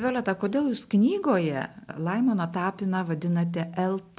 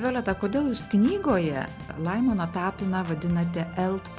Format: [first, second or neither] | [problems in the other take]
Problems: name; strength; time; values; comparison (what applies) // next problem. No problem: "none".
first | background sound (Organ); 15 dB below the speech